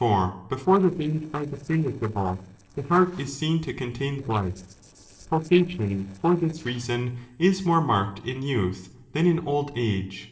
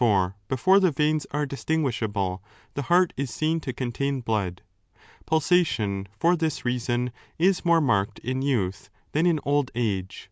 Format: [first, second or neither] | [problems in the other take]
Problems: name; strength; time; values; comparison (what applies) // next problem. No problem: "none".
second | noise reduction (neural separator model SepFormer DNS4)